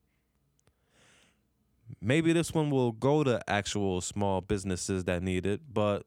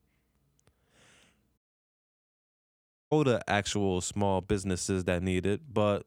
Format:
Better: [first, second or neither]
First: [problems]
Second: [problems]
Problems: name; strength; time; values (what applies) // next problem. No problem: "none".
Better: first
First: none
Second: audio cutting out; at 1.5 s for 1.5 s